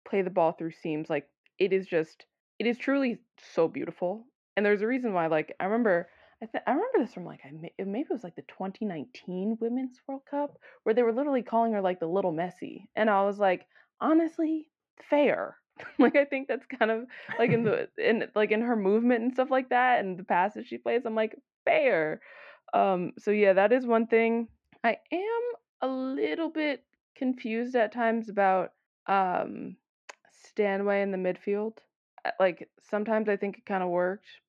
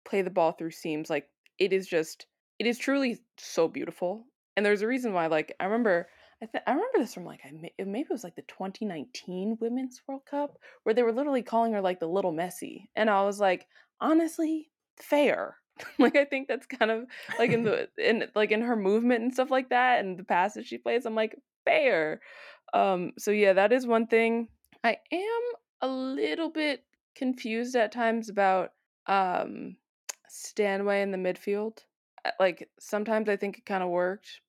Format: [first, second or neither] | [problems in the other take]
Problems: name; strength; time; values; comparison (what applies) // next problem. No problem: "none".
second | muffled; slightly; fading above 2.5 kHz